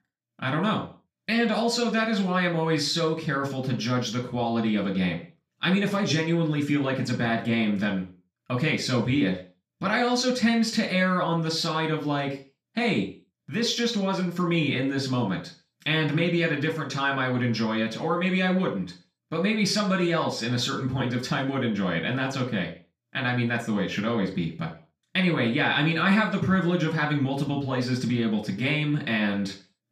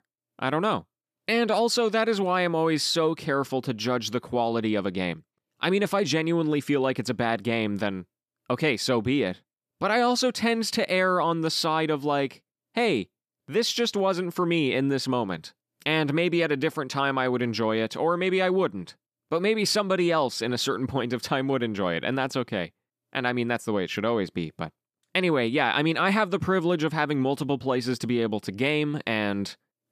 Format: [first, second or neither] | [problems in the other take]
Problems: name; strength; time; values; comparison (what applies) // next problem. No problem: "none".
second | room echo; slight; dies away in 0.4 s // off-mic speech; far